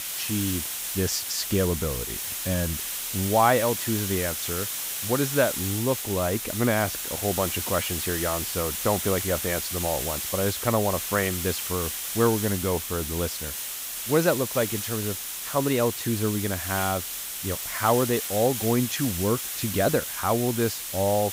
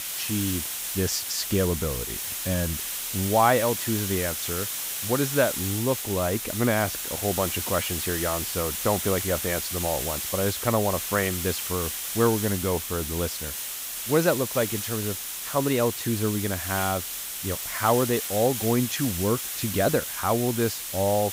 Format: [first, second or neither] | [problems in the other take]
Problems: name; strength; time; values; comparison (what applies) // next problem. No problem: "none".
neither | hiss; loud; throughout; 2 dB below the speech; the same in both